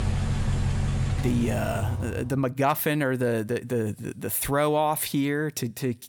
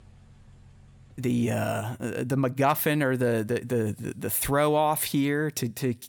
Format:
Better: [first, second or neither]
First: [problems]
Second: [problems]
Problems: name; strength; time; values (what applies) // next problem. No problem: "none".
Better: second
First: traffic noise; loud; until 1.5 s; 3 dB below the speech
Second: traffic noise; faint; until 1.5 s; 30 dB below the speech